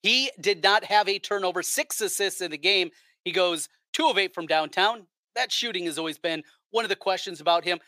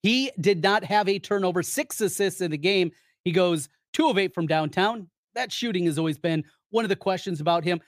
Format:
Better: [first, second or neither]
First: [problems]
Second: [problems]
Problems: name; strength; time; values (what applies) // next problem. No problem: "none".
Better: second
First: thin; somewhat; fading below 500 Hz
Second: none